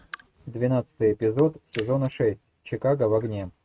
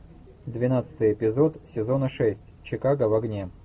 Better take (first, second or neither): second